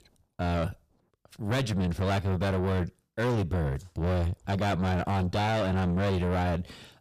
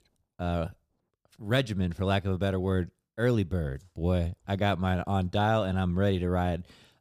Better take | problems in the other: second | distortion; heavy; 6 dB below the speech

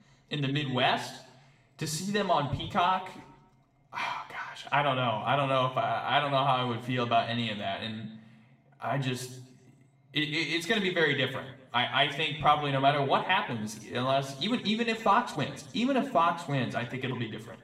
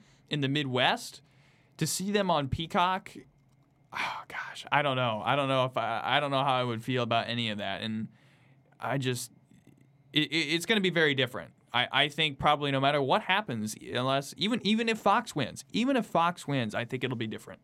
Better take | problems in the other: second | room echo; slight; dies away in 0.6 s // off-mic speech; somewhat distant

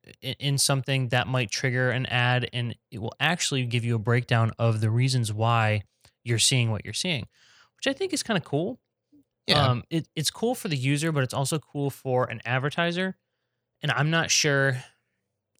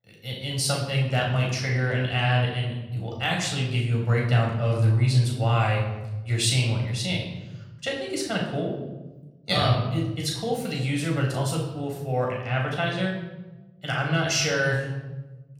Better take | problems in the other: first | off-mic speech; far // room echo; noticeable; dies away in 1.1 s

